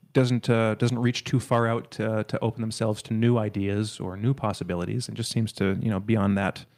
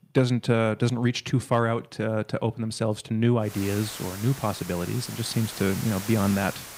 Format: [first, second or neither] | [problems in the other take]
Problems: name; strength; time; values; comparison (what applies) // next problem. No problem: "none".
first | hiss; noticeable; from 3.5 s on; 10 dB below the speech